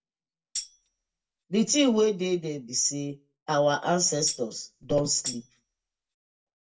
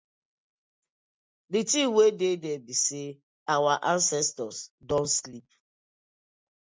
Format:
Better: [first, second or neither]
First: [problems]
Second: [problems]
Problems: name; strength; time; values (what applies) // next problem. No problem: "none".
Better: second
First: background sound (Tambourine); 11 dB below the speech // room echo; dies away in 0.1 s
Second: none